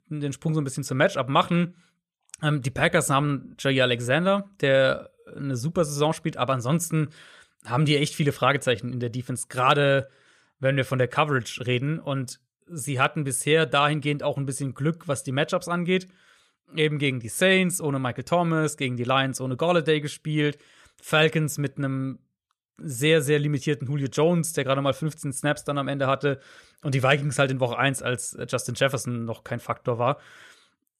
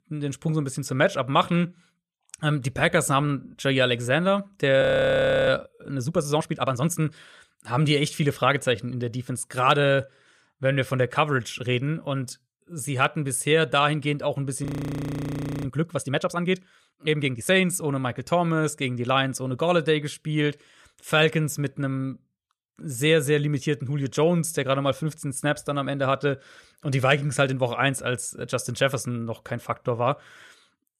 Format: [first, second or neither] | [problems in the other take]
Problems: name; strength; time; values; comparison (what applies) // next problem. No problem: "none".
first | audio freezing; at 5 s for 0.5 s and at 15 s for 1 s